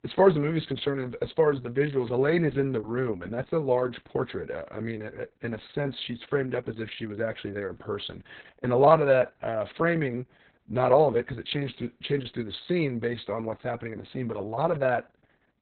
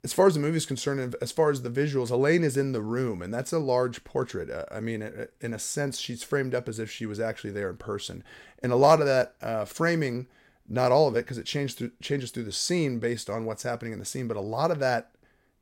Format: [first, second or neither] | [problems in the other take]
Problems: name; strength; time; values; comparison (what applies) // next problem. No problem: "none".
second | garbled, watery; badly; nothing above 4 kHz